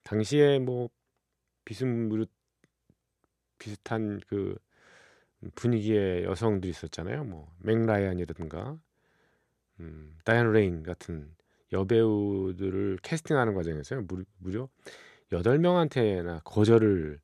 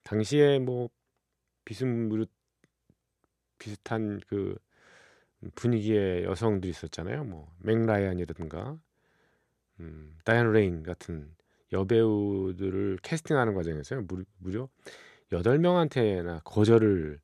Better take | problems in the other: neither | none

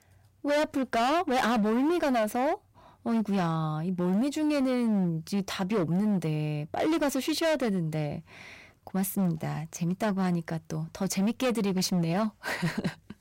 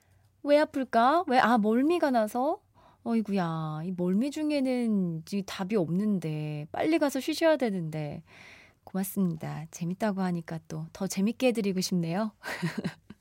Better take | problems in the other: second | distortion; heavy; 17% of the sound clipped

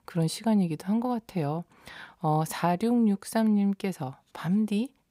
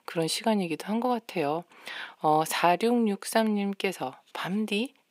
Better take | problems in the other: first | thin; somewhat; fading below 350 Hz

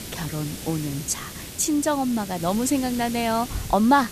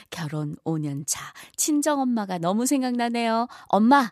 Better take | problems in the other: second | hiss; noticeable; throughout; 10 dB below the speech

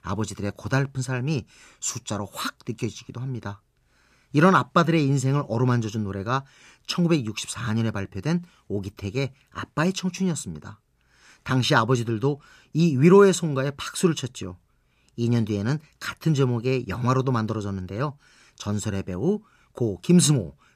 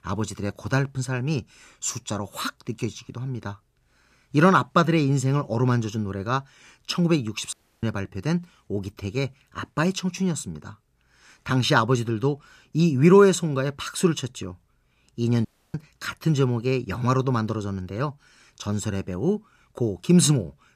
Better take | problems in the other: first | audio cutting out; at 7.5 s and at 15 s

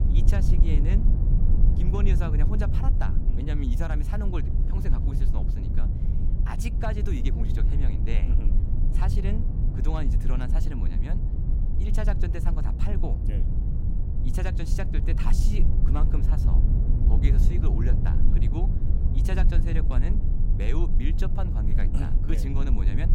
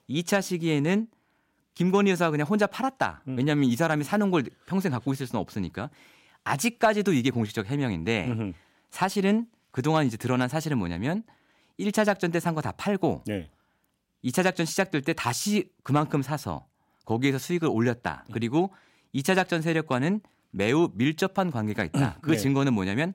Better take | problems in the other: second | low rumble; loud; throughout; 2 dB below the speech

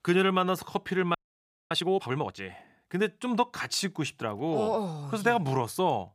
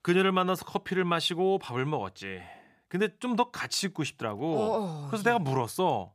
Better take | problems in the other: second | audio freezing; at 1 s for 0.5 s

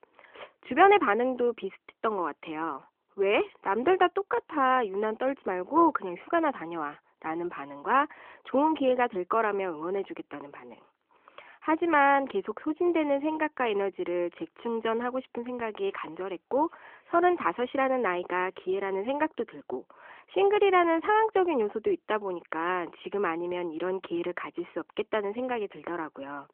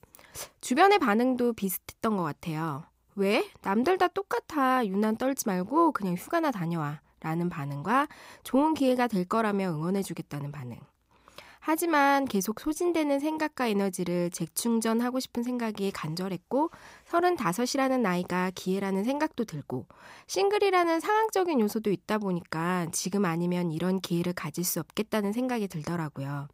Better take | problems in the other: second | phone-call audio; nothing above 3.5 kHz

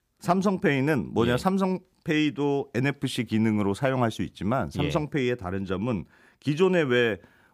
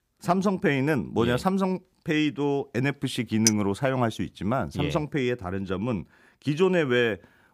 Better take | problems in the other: first | clattering dishes; very faint; at 3.5 s; peak 1 dB above the speech

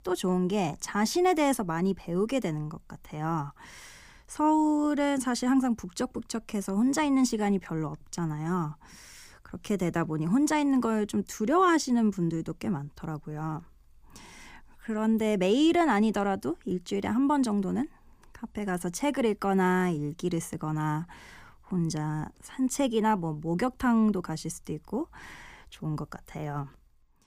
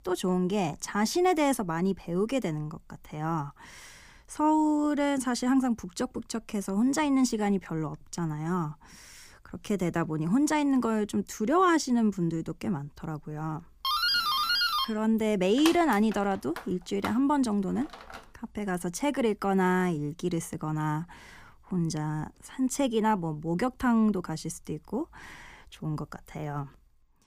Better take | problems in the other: first | doorbell; loud; from 14 to 18 s; peak 4 dB above the speech

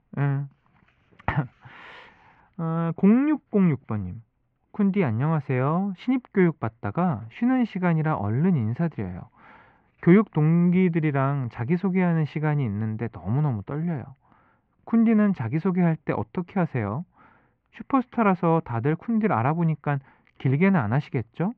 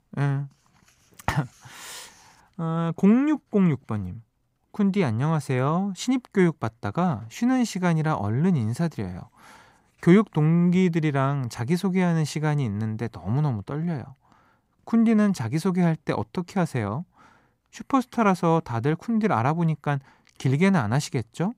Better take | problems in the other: second | muffled; very; fading above 2.5 kHz

